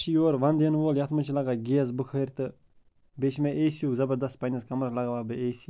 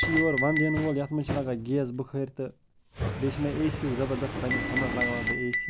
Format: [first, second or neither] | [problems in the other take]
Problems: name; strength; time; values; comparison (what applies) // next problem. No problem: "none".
first | background sound (Chink, clink + Fire); 3 dB below the speech